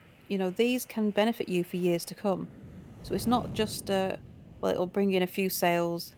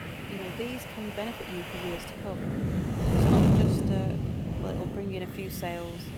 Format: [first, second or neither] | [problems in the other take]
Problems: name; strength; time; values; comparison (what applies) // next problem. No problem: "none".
first | wind noise on the microphone; heavy; 4 dB above the speech; occasional gusts in the first